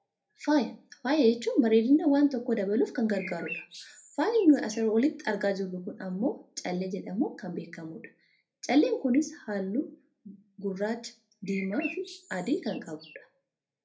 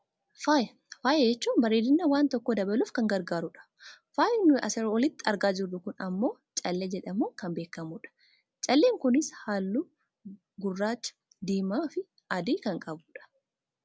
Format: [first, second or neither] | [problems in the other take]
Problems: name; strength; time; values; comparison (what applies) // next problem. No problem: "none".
second | background sound (Bird); 15 dB below the speech // room echo; dies away in 0.3 s